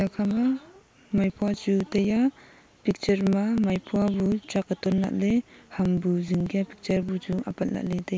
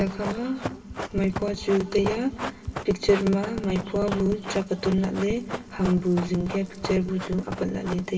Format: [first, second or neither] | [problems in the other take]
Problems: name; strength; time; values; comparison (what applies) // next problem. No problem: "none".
first | background sound (Run); 11 dB below the speech // room echo; dies away in 2.8 s